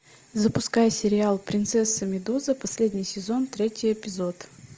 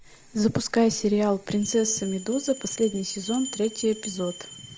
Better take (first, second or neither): first